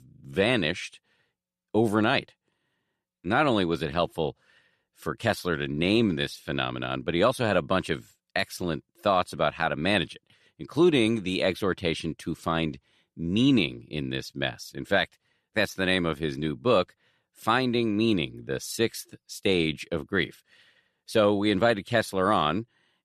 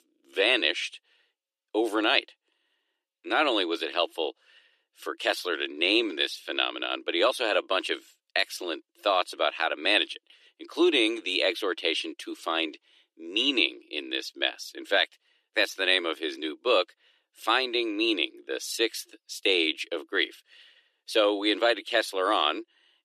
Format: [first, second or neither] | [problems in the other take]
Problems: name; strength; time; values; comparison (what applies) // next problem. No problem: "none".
first | thin; very; fading below 300 Hz